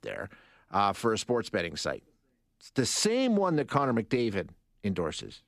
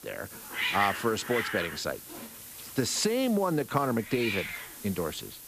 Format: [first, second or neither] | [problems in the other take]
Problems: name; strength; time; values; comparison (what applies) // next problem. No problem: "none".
first | hiss; loud; throughout; 6 dB below the speech